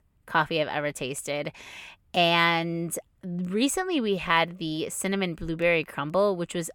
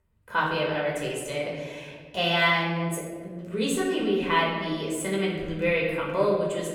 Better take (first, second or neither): first